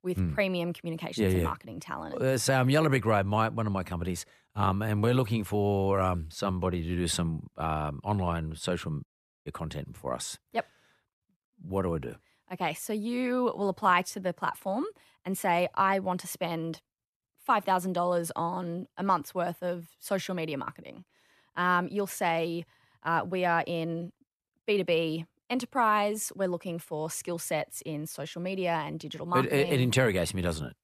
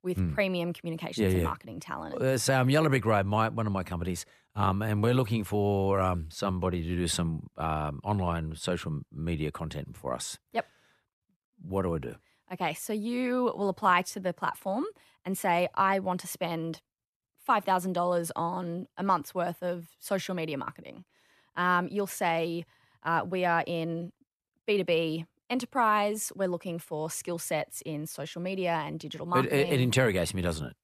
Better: second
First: audio cutting out; at 9 s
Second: none

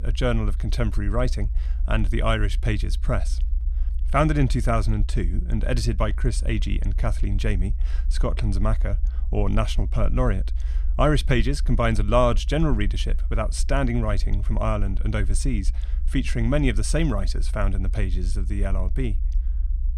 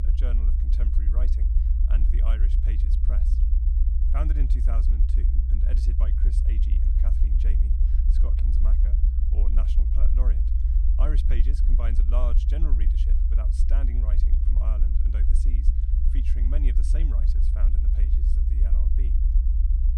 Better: first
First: low rumble; faint; throughout; 20 dB below the speech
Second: low rumble; loud; throughout; as loud as the speech

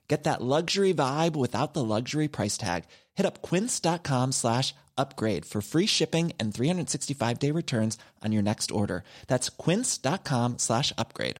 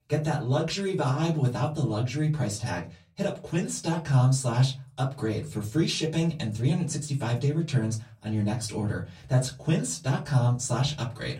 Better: first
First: none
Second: off-mic speech; far // room echo; very slight; dies away in 0.3 s

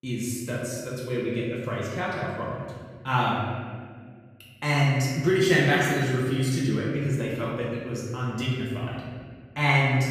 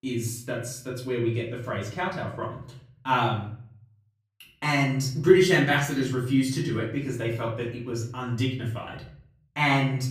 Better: second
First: room echo; strong; dies away in 1.6 s // off-mic speech; far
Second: room echo; slight; dies away in 0.5 s // off-mic speech; far

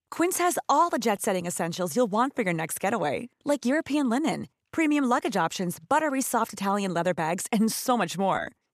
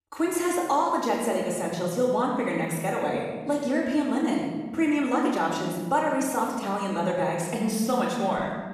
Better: first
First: none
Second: room echo; noticeable; dies away in 1.3 s // off-mic speech; far

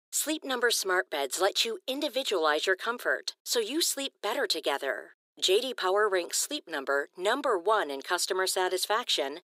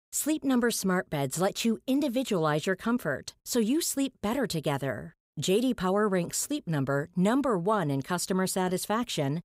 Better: second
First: thin; very; fading below 350 Hz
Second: none

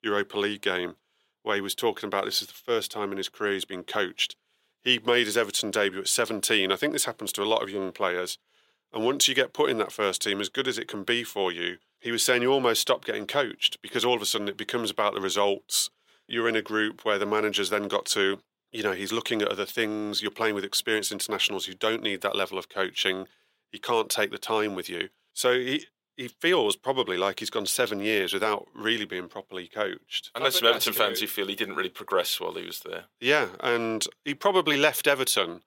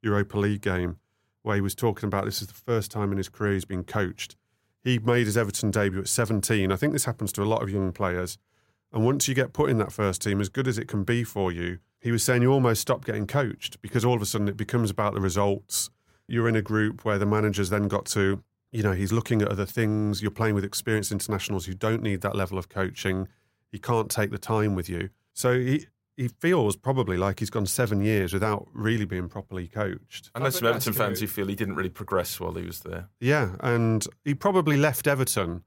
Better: second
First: thin; somewhat; fading below 400 Hz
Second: none

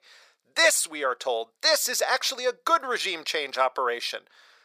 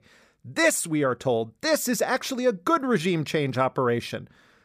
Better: second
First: thin; very; fading below 600 Hz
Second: none

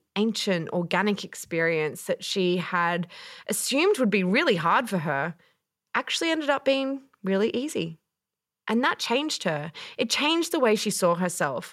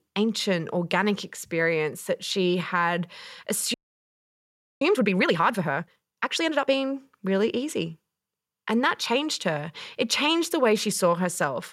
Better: first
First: none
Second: audio freezing; at 3.5 s for 1 s

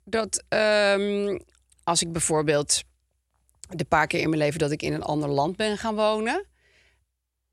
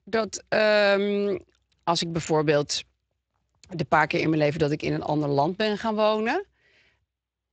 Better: first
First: none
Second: garbled, watery; slightly; nothing above 8 kHz

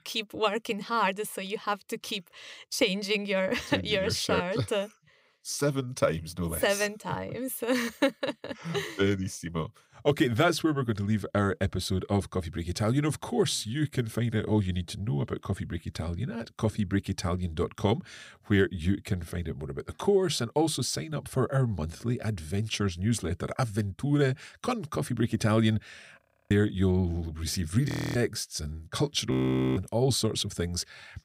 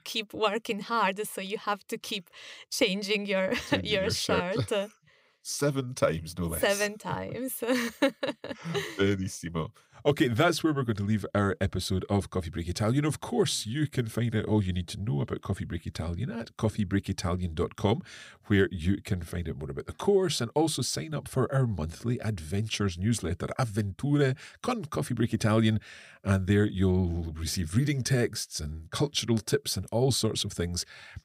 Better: second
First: audio freezing; at 26 s, at 28 s and at 29 s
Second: none

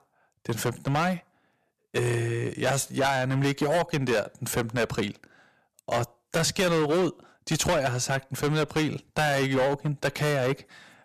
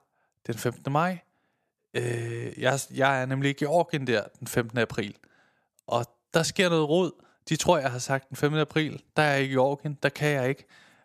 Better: second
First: distortion; heavy; 12% of the sound clipped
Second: none

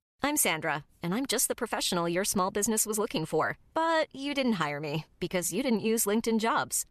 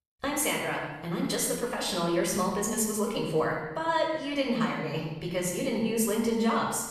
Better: first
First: none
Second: off-mic speech; far // room echo; noticeable; dies away in 1 s

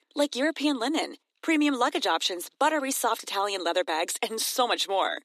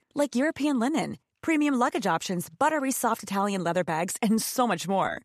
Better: second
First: thin; very slightly; fading below 300 Hz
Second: none

